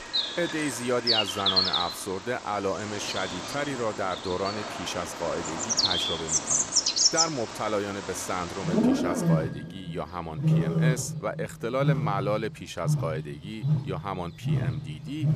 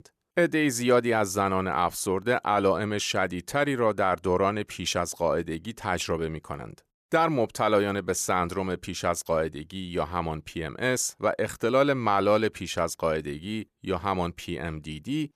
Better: second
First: animal sounds; very loud; throughout; 5 dB above the speech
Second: none

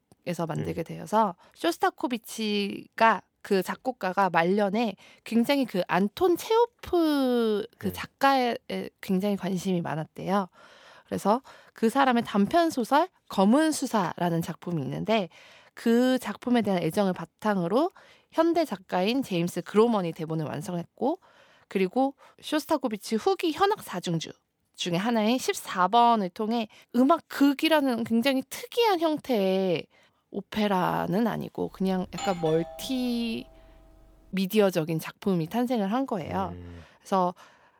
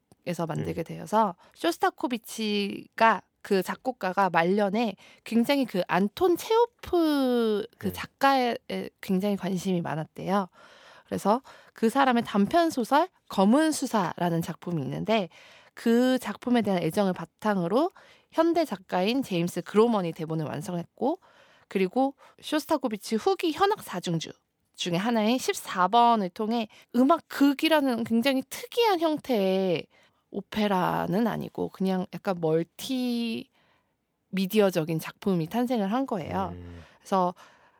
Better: second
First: doorbell; noticeable; from 32 to 33 s; peak 9 dB below the speech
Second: none

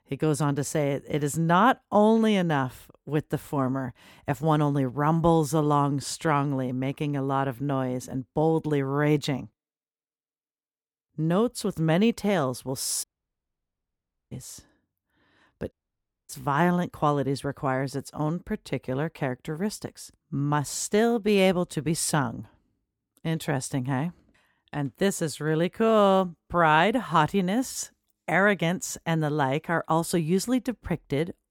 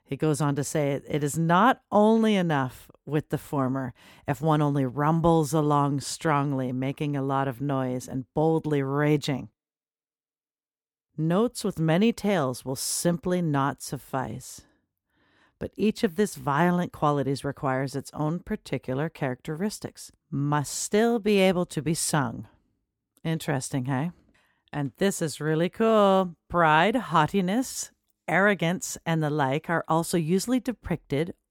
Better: second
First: audio cutting out; at 13 s for 1.5 s and at 16 s for 0.5 s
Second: none

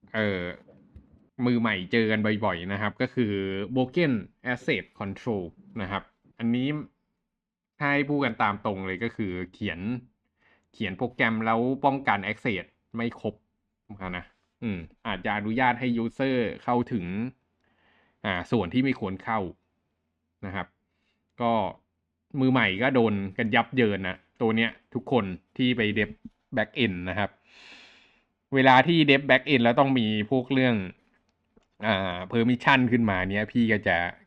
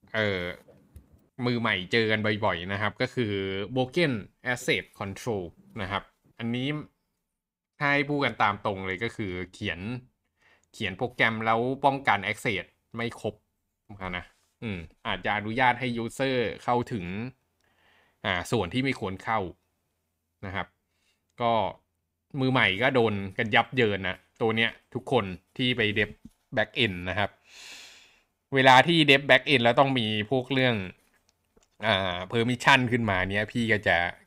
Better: second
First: muffled; very slightly; fading above 3.5 kHz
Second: none

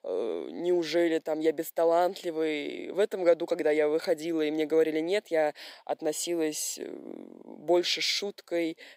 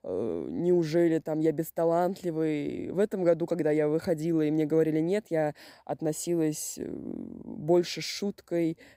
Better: second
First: thin; somewhat; fading below 450 Hz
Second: none

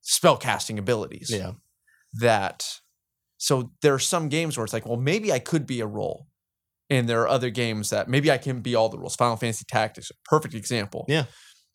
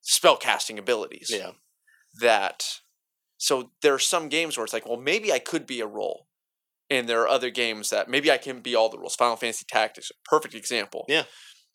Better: first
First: none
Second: thin; somewhat; fading below 300 Hz

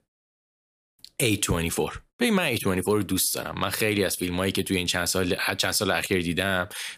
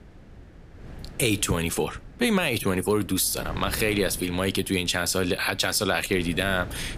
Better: first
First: none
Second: wind noise on the microphone; occasional gusts; 20 dB below the speech

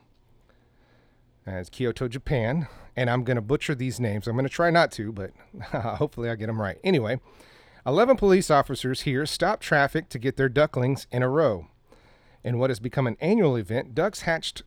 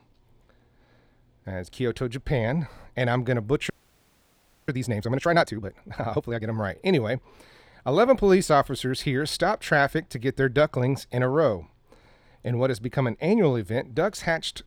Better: first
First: none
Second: audio freezing; at 3.5 s for 1 s

